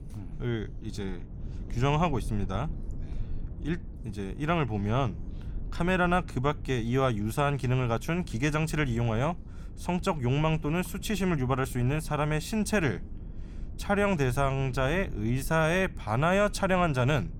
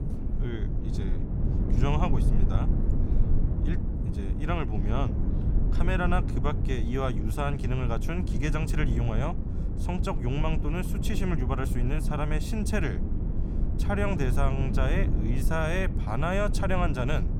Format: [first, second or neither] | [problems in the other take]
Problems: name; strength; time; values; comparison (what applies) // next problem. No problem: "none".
first | low rumble; loud; throughout; 8 dB below the speech; faint in the first